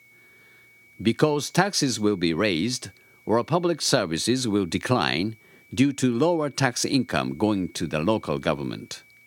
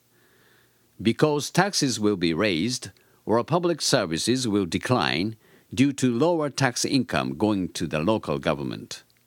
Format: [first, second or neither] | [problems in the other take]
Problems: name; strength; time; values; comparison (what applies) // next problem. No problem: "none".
second | high-pitched whine; faint; throughout; 2.5 kHz, 30 dB below the speech